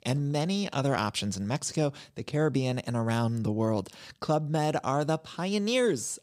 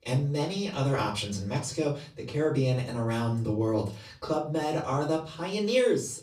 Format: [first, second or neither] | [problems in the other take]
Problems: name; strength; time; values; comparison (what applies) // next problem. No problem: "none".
first | off-mic speech; far // room echo; very slight; dies away in 0.3 s